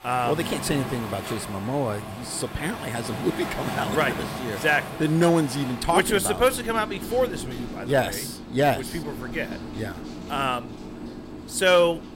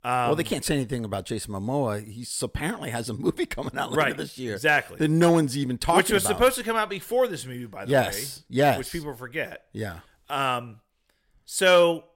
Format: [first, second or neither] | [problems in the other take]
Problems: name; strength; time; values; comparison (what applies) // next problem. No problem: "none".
second | rain or running water; loud; throughout; 10 dB below the speech